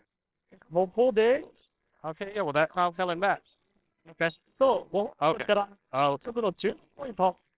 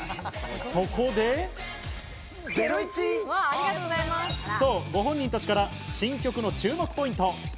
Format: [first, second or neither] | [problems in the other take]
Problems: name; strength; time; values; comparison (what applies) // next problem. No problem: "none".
second | noise reduction (neural separator model SepFormer WHAMR!)